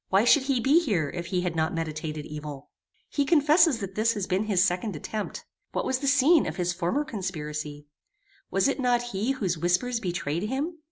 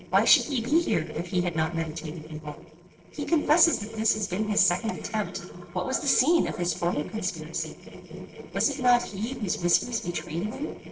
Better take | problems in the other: first | noise reduction (neural separator model SepFormer DNS4)

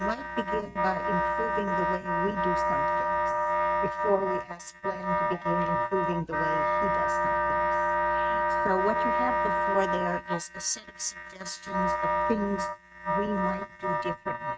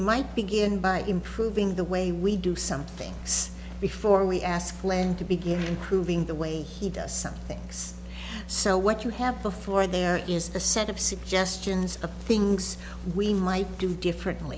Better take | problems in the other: second | noise reduction (neural mask model RNNoise)

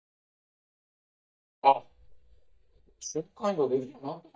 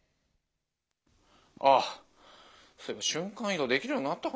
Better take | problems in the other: second | noise reduction (neural mask model DeepFilterNet 3)

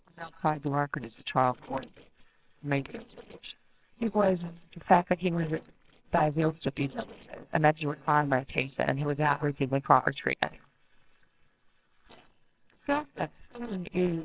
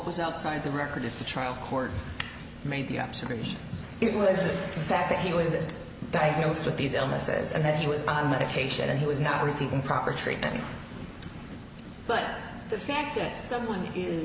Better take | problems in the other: second | noise reduction (neural separator model SepFormer WHAMR!)

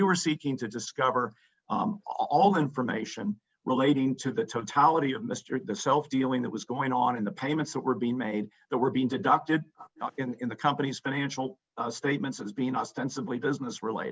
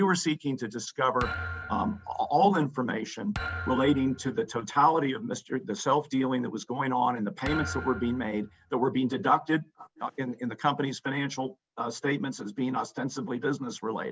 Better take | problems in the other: first | background sound (Thump, thud); 11 dB below the speech

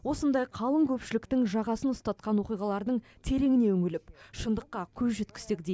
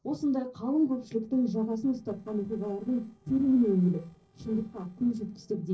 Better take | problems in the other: first | noise reduction (neural separator model SepFormer DNS4)

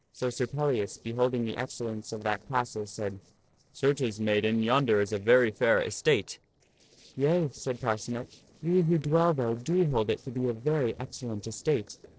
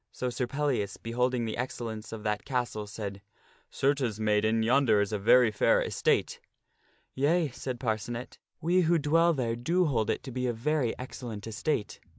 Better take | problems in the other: second | noise reduction (neural separator model SepFormer DNS4)

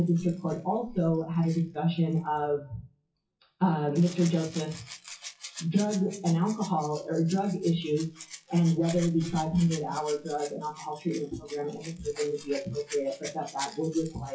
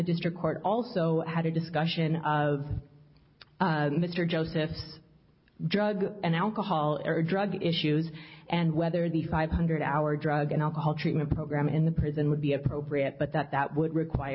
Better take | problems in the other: second | noise reduction (classical method WPE with log-MMSE)

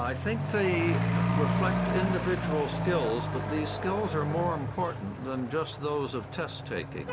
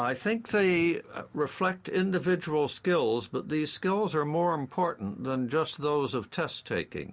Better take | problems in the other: second | background sound (Accelerating, revving, vroom / Truck); as loud as the speech

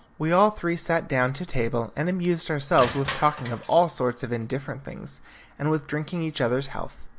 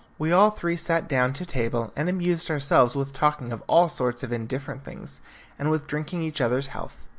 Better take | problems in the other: second | background sound (Crushing); 14 dB below the speech

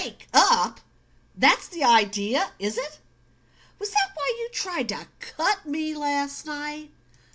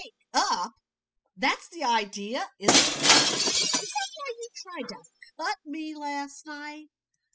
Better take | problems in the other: first | noise reduction (classical method spectral subtraction)

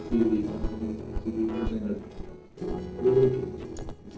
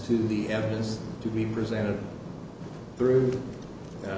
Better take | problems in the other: second | noise reduction (neural separator model SepFormer DNS4)

